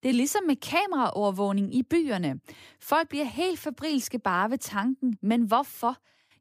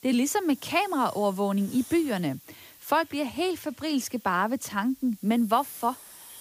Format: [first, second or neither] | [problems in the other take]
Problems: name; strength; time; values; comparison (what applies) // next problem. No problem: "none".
first | hiss; noticeable; throughout; 20 dB below the speech